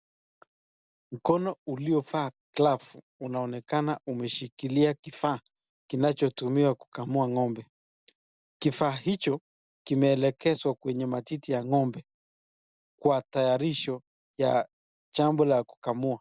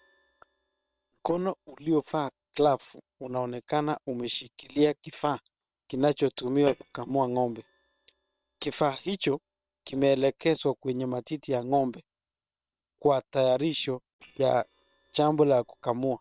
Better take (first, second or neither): first